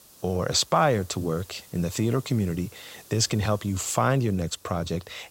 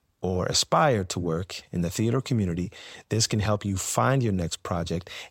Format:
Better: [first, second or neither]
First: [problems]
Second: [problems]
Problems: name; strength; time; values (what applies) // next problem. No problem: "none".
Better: second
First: hiss; faint; throughout; 25 dB below the speech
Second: none